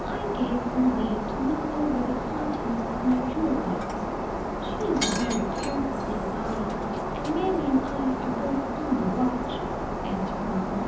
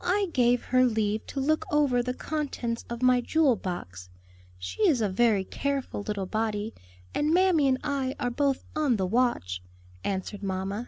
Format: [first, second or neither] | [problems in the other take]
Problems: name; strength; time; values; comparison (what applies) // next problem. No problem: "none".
second | background sound (Shatter); 1 dB below the speech // room echo; dies away in 0.9 s